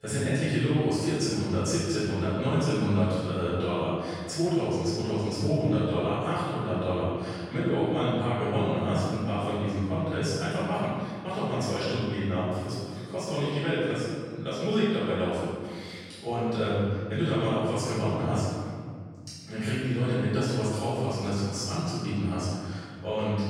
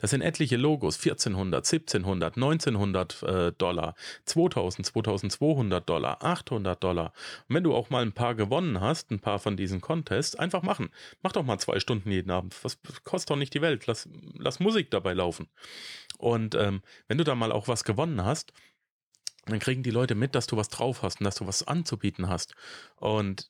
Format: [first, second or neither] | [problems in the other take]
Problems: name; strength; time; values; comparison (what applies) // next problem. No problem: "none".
second | room echo; strong; dies away in 1.9 s // off-mic speech; far